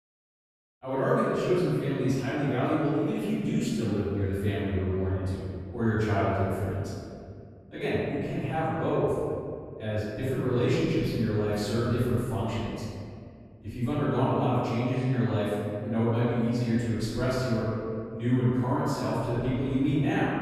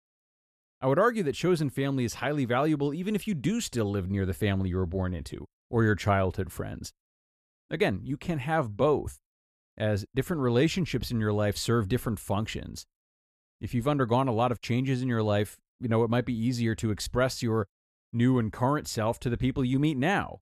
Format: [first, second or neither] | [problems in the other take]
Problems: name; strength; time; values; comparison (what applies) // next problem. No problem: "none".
second | off-mic speech; far // room echo; strong; dies away in 2.2 s